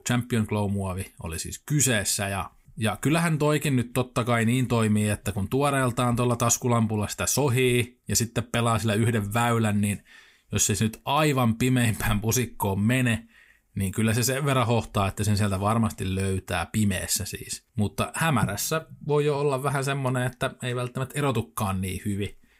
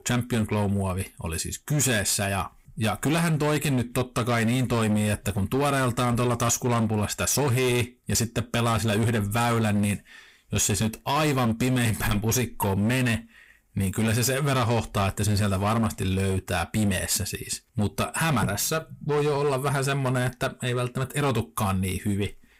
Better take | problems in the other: first | distortion; slight; 18% of the sound clipped

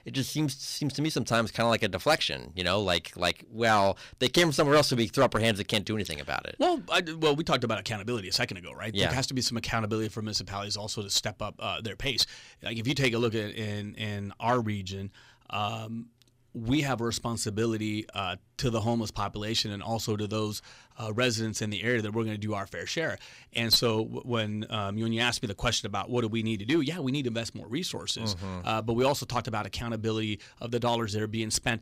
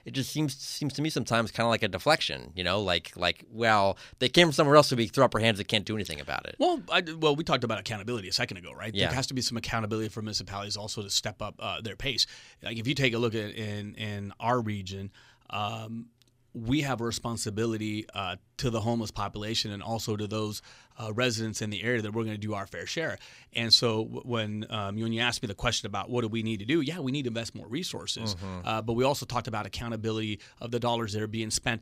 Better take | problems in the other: second | distortion; slight; 1.6% of the sound clipped

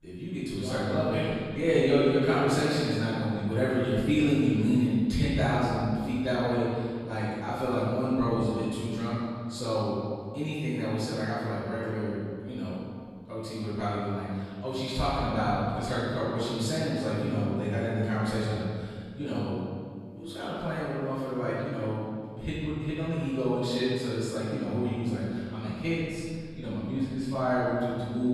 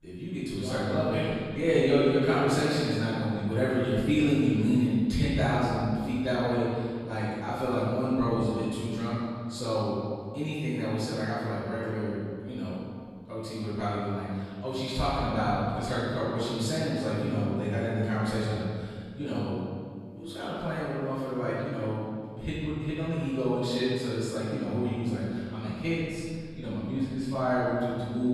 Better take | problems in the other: neither | room echo; strong; dies away in 2.1 s; the same in both // off-mic speech; far; the same in both

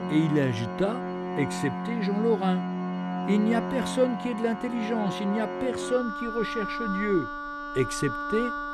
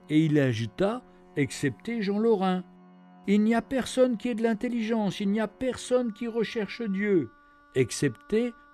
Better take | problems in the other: second | background music; loud; throughout; 4 dB below the speech; faint in the second

